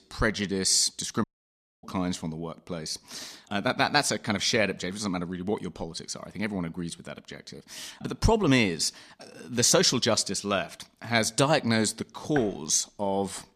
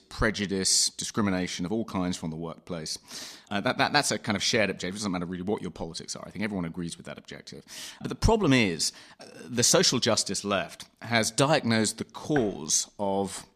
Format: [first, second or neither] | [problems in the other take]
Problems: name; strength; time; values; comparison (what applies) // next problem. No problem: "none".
second | audio cutting out; at 1 s for 0.5 s